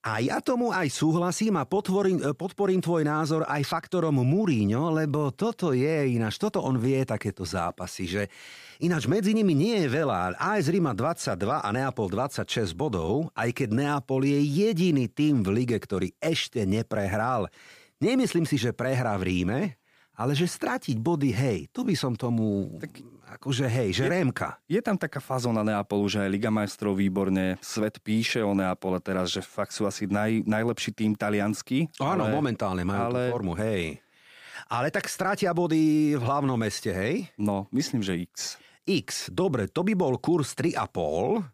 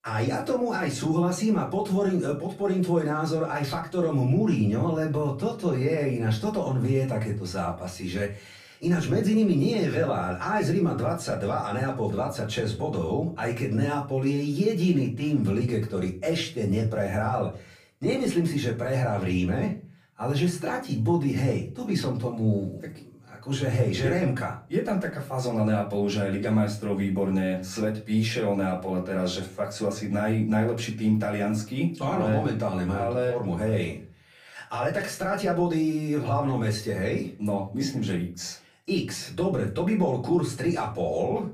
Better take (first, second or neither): first